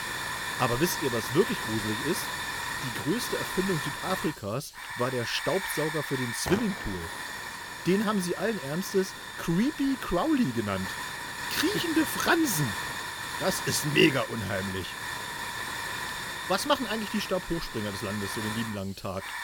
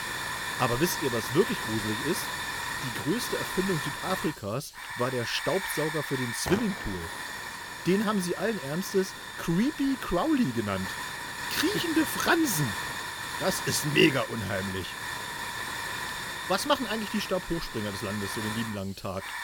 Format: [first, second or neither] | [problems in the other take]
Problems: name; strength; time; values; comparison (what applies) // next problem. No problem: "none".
neither | hiss; loud; throughout; 5 dB below the speech; the same in both